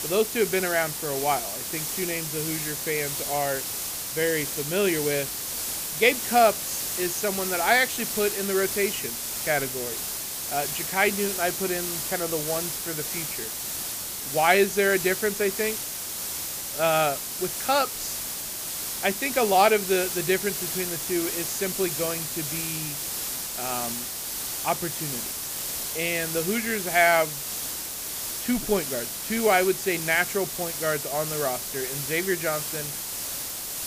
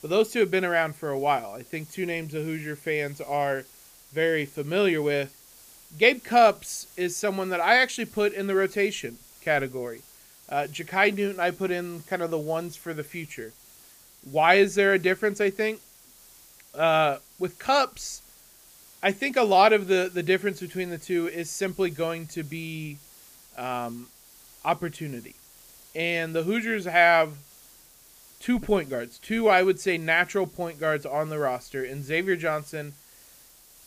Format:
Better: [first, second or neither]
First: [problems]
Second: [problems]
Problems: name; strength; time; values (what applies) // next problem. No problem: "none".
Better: second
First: hiss; loud; throughout; 3 dB below the speech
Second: hiss; faint; throughout; 25 dB below the speech